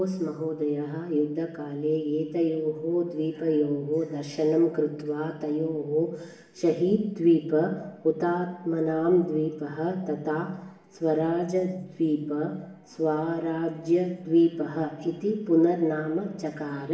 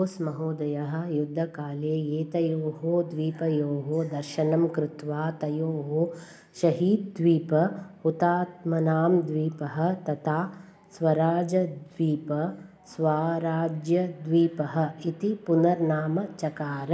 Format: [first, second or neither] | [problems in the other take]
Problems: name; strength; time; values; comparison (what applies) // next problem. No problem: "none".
second | room echo; dies away in 0.8 s